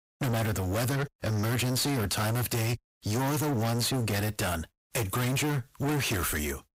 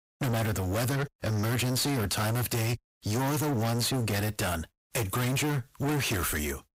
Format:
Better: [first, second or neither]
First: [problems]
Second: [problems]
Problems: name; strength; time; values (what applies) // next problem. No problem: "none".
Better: neither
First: distortion; heavy; 38% of the sound clipped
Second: distortion; heavy; 38% of the sound clipped